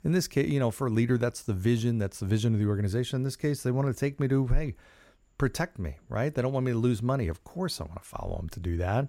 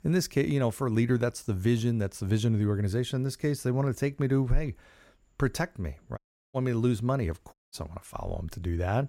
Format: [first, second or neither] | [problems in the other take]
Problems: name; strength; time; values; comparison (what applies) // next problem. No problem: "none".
first | audio cutting out; at 6 s and at 7.5 s